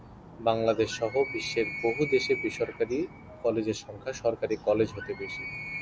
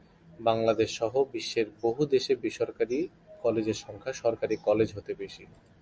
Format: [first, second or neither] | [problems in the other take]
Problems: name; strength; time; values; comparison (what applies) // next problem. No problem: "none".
second | background sound (Animal); 11 dB below the speech